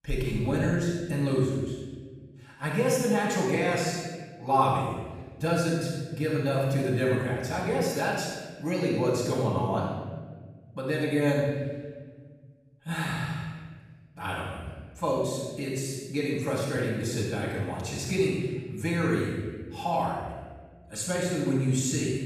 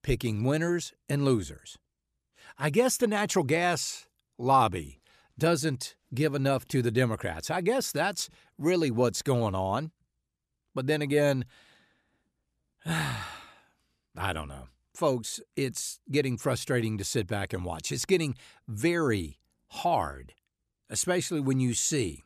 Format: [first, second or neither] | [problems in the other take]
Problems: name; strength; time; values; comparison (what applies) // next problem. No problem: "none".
second | off-mic speech; far // room echo; strong; dies away in 1.4 s